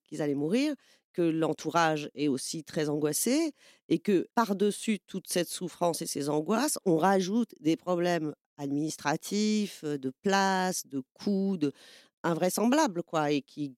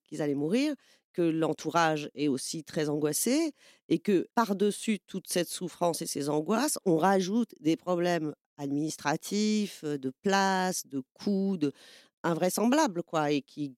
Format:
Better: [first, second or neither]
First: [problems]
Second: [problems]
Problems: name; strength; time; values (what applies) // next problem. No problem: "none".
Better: neither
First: none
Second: none